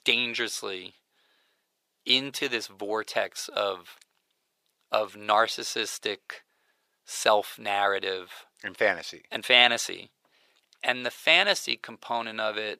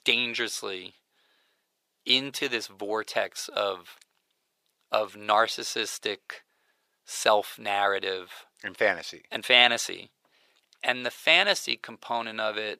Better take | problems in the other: neither | thin; very; fading below 600 Hz; the same in both

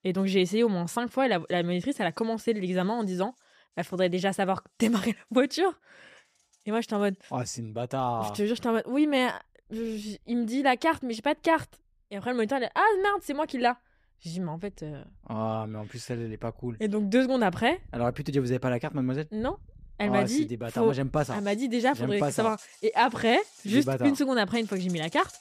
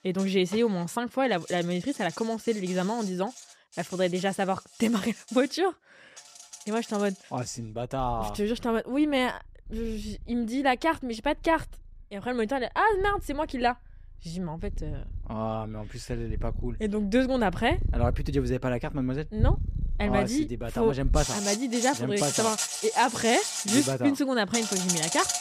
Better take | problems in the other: first | animal sounds; loud; throughout; 5 dB below the speech; faint in the first

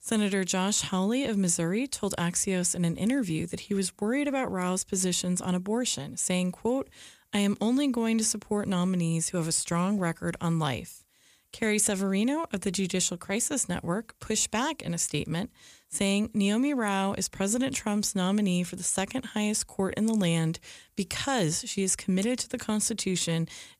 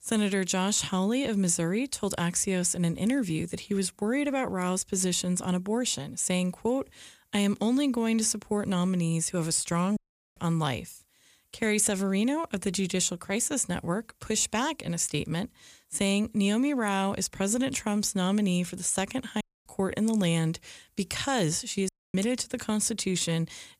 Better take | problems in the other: first | audio cutting out; at 10 s, at 19 s and at 22 s

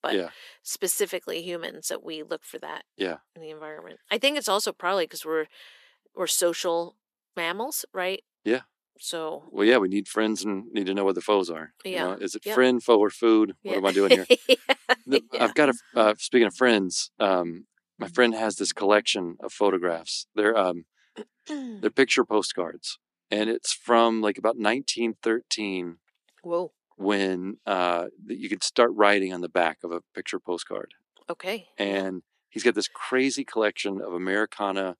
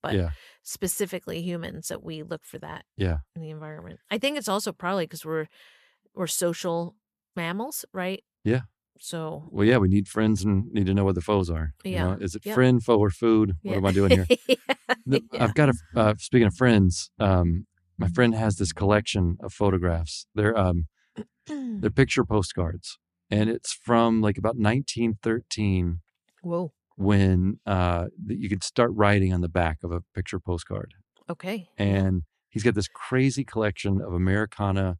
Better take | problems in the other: second | thin; somewhat; fading below 300 Hz

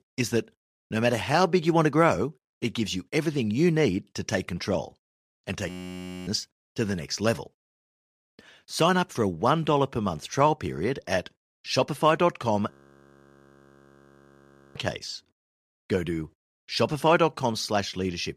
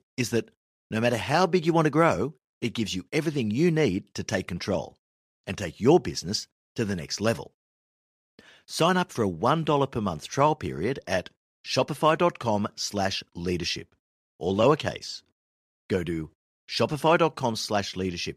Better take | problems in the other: second | audio freezing; at 5.5 s for 0.5 s and at 13 s for 2 s

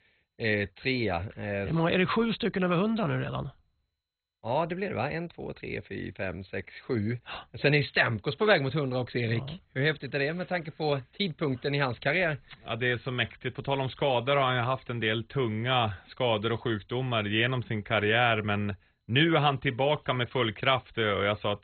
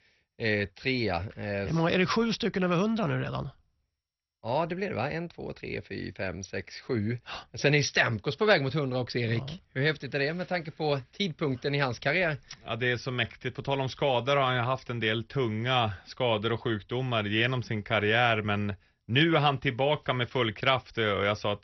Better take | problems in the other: second | garbled, watery; badly; nothing above 4 kHz; slightly in the second

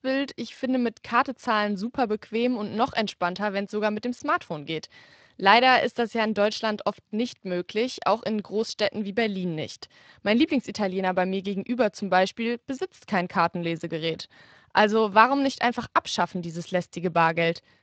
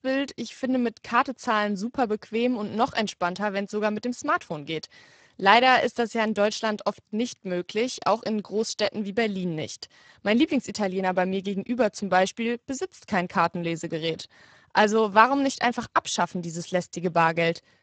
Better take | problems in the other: first | garbled, watery; badly; nothing above 7.5 kHz; slightly in the first

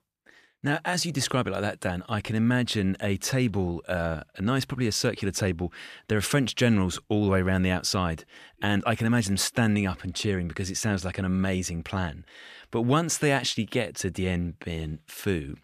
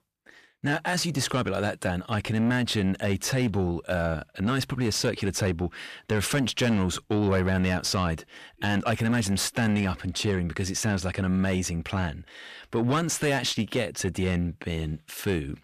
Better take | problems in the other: first | distortion; slight; 10 dB below the speech

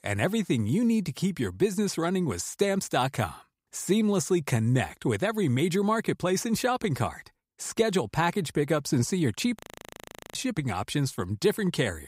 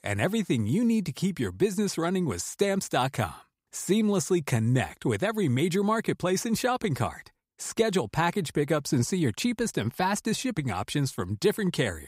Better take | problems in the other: second | audio freezing; at 9.5 s for 1 s

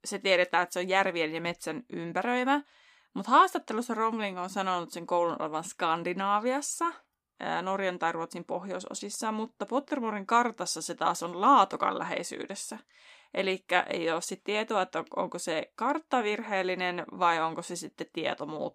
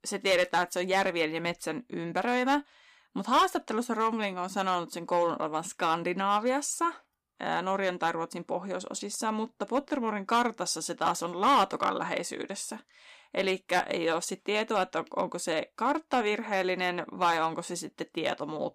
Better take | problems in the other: first | distortion; slight; 2% of the sound clipped

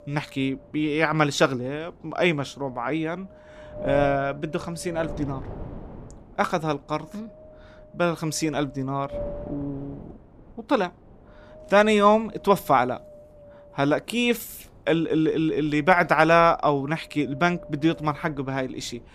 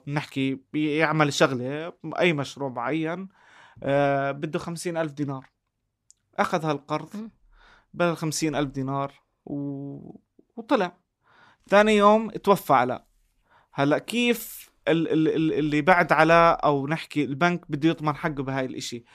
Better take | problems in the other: second | wind noise on the microphone; occasional gusts; 15 dB below the speech

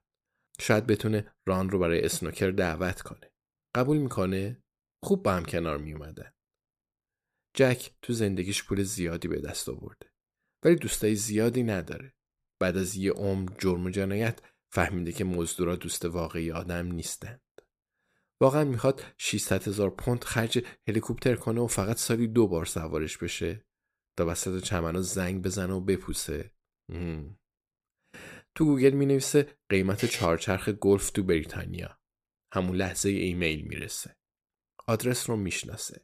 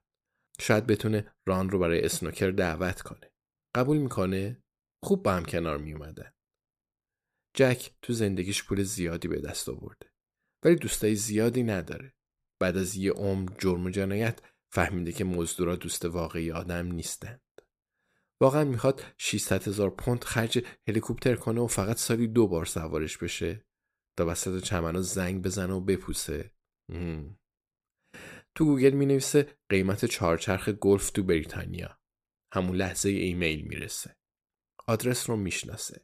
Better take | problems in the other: second | alarm; noticeable; at 30 s; peak 8 dB below the speech

